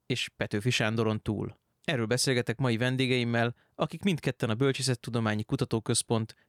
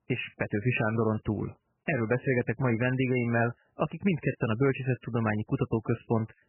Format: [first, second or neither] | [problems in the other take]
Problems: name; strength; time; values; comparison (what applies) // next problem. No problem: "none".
first | garbled, watery; badly; nothing above 3 kHz